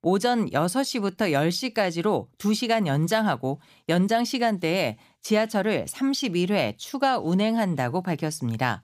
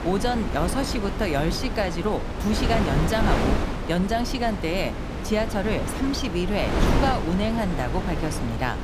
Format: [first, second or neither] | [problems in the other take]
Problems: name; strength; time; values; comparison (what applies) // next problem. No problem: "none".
first | wind noise on the microphone; heavy; 3 dB below the speech